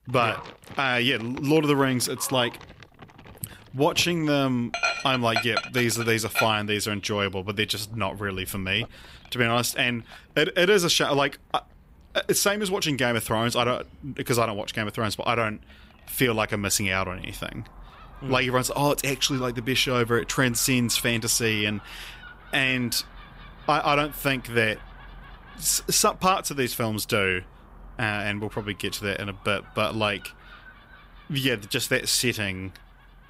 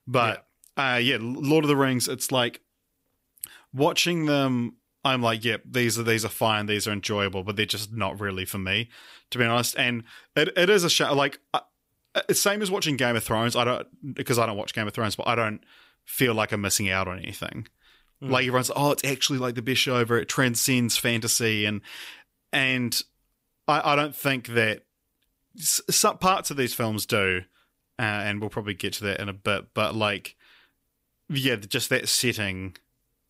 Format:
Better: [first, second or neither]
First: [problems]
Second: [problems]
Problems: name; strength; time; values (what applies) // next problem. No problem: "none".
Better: second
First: animal sounds; noticeable; throughout; 15 dB below the speech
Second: none